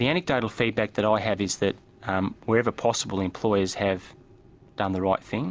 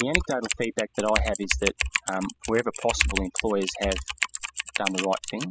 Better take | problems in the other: first | noise reduction (classical method spectral subtraction)

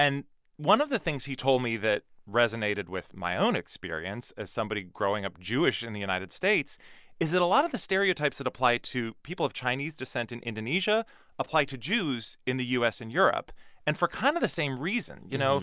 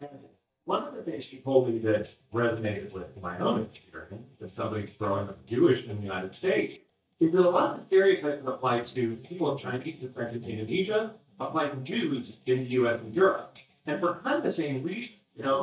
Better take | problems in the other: first | noise reduction (neural mask model DeepFilterNet 3)

